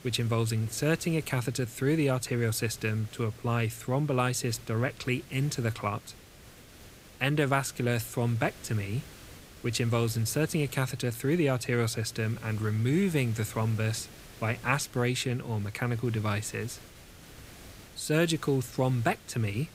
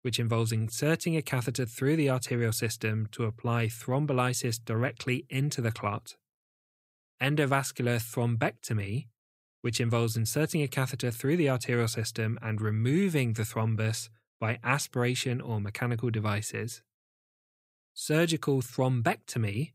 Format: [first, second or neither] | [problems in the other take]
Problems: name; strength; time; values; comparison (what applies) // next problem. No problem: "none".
second | hiss; noticeable; throughout; 20 dB below the speech